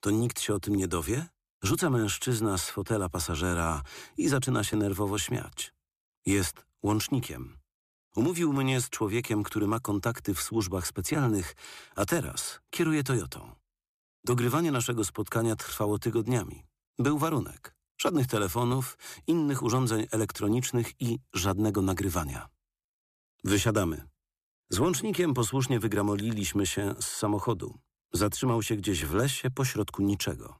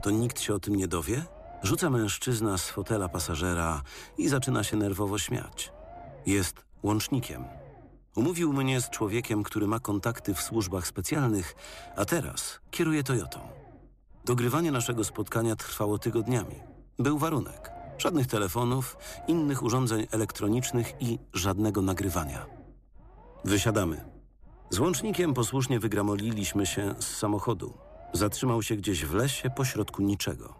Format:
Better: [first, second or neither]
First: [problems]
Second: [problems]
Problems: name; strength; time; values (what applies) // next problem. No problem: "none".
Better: first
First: none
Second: low rumble; noticeable; throughout; 20 dB below the speech